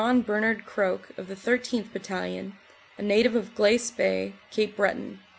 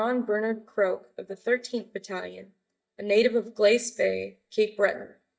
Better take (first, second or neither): first